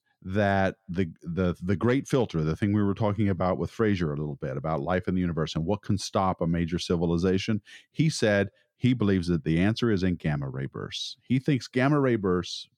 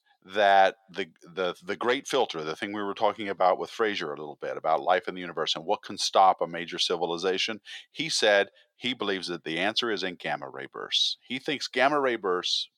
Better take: first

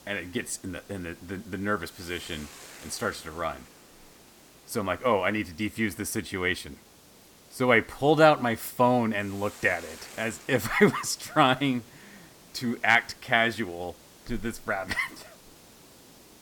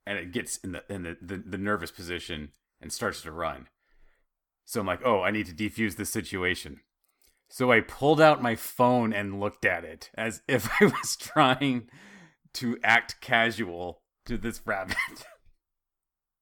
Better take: second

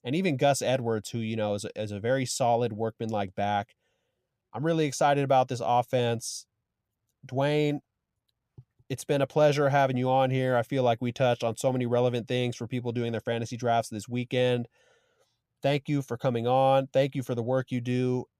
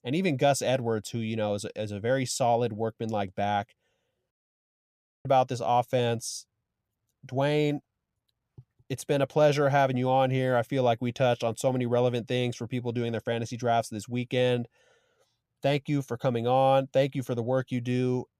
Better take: first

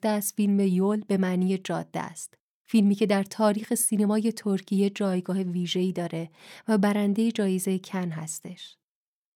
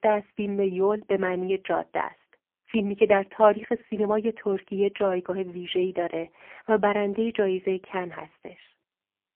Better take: first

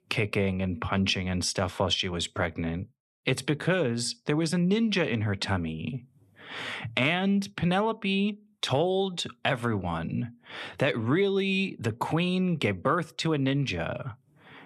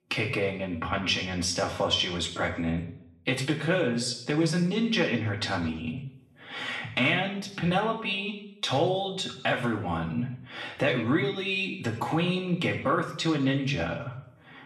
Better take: first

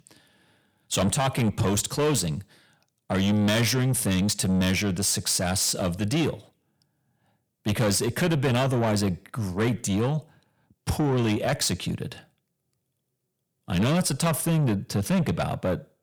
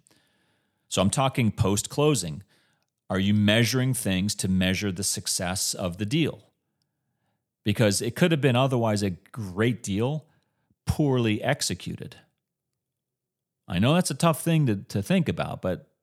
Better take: second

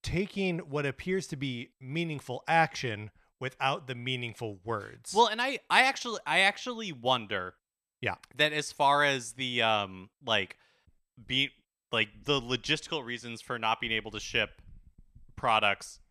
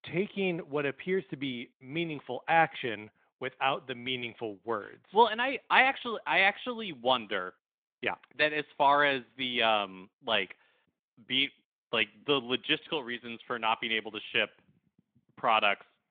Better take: first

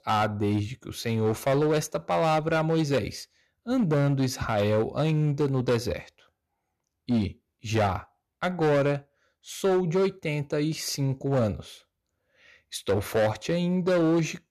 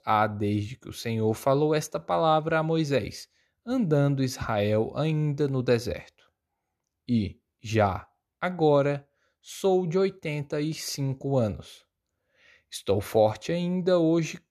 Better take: second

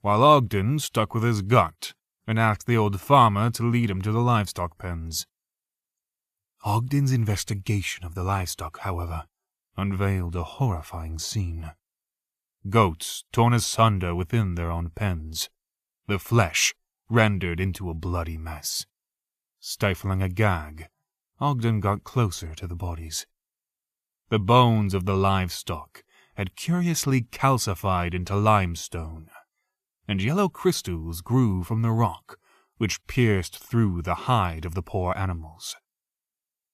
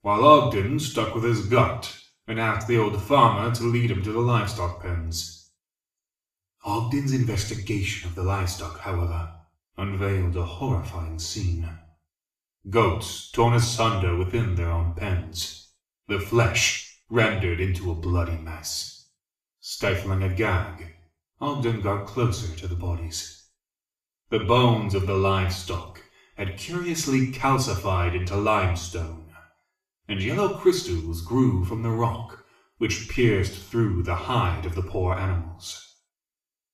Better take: first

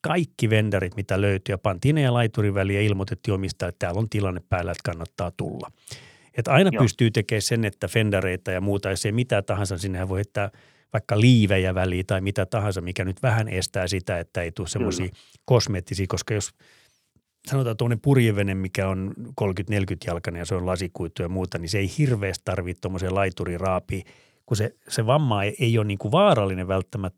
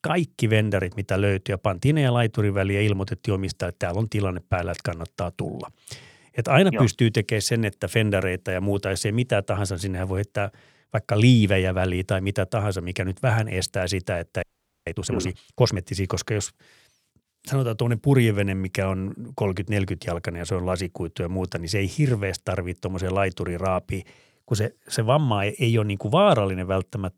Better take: first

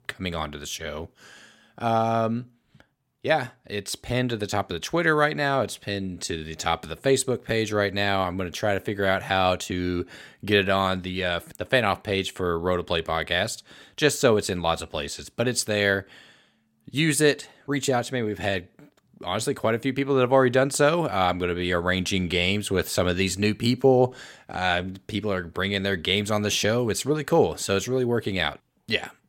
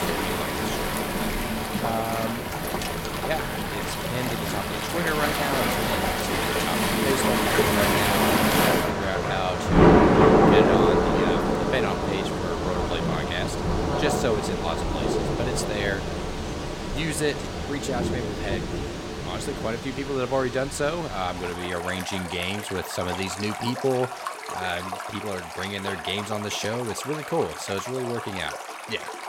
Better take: first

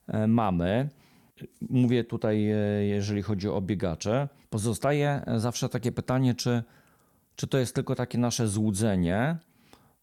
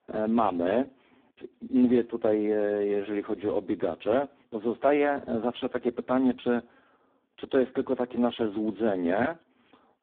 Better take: first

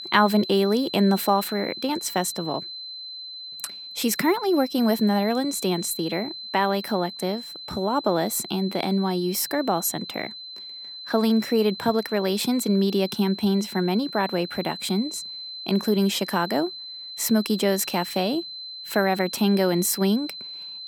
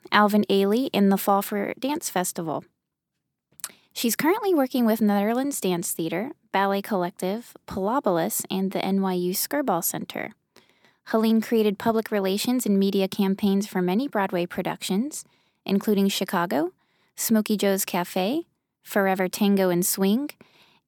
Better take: second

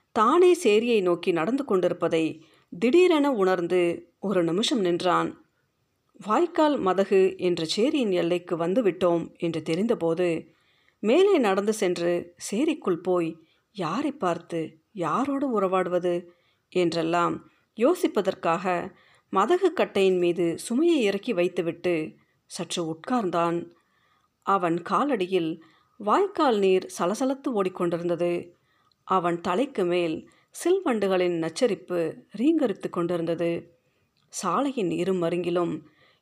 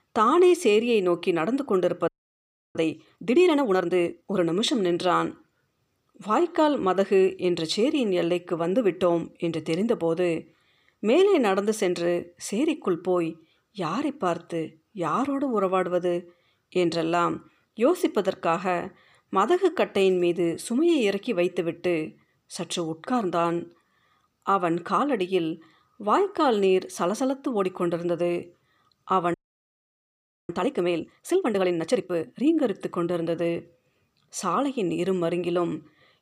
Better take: first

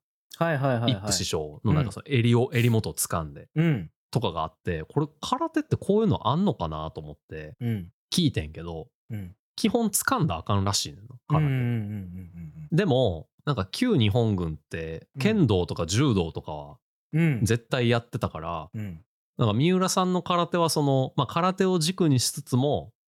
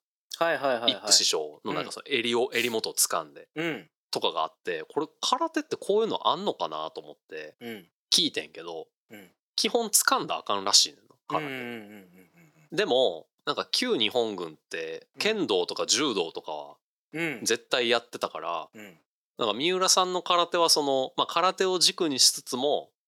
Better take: first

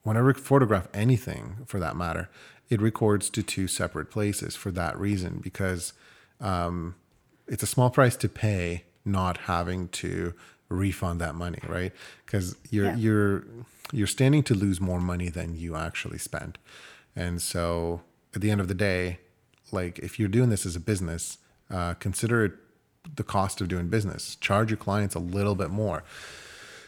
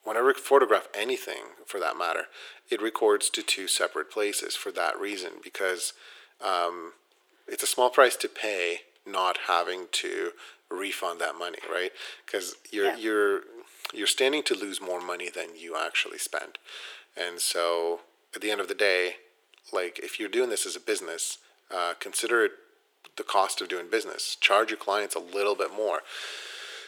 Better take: first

